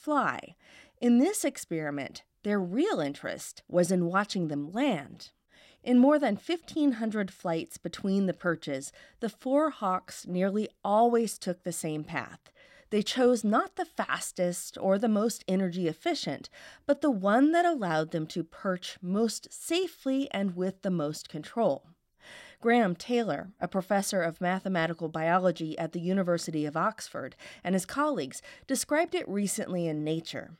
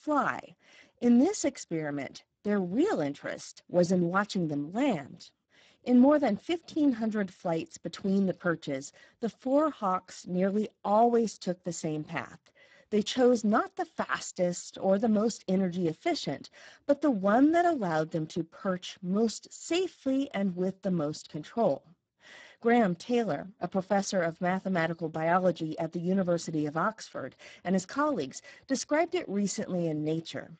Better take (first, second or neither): first